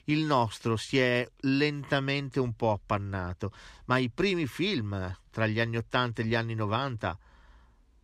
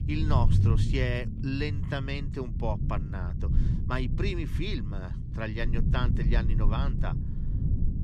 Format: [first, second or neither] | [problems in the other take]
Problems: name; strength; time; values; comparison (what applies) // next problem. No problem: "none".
first | low rumble; loud; throughout; 7 dB below the speech